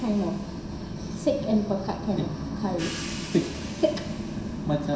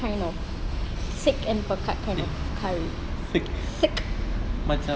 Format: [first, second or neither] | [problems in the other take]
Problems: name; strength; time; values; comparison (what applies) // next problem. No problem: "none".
second | background sound (Crash cymbal / Hi-hat); 17 dB below the speech // room echo; dies away in 0.7 s